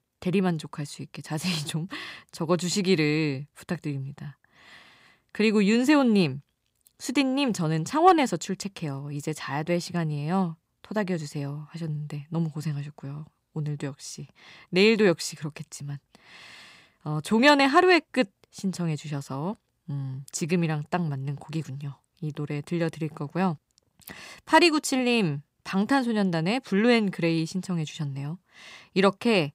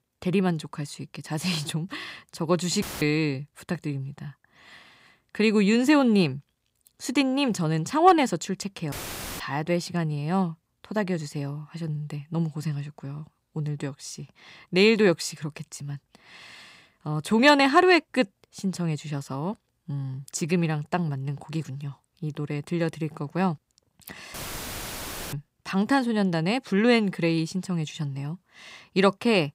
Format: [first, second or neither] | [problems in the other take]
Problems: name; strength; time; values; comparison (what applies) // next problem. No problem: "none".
first | audio cutting out; filled with static; at 3 s, at 9 s and at 24 s for 1 s